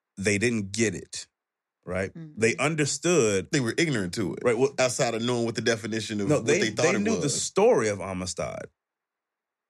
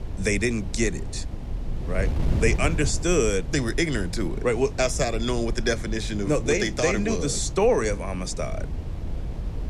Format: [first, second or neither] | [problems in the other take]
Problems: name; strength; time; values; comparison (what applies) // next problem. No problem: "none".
first | wind noise on the microphone; occasional gusts; 15 dB below the speech